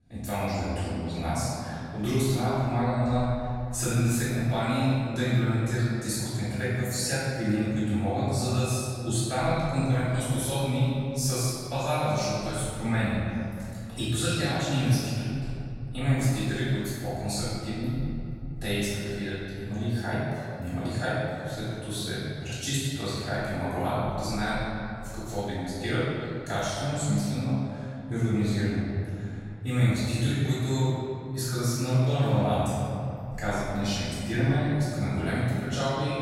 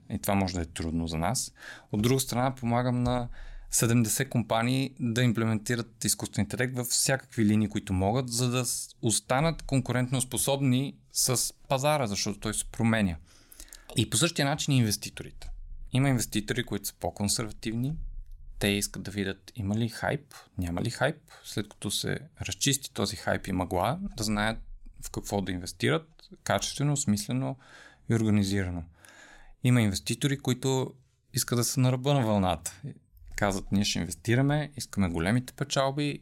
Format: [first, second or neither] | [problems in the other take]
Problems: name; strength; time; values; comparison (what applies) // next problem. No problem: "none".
second | off-mic speech; far // room echo; strong; dies away in 2.7 s